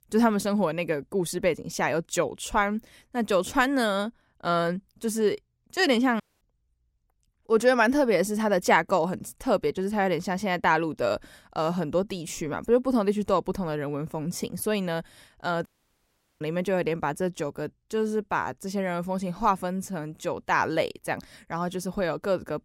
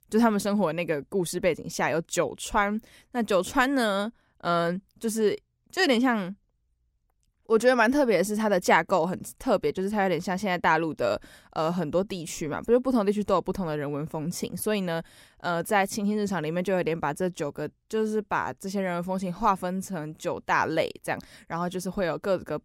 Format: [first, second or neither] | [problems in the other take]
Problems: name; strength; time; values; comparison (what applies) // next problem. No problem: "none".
second | audio cutting out; at 6 s and at 16 s for 0.5 s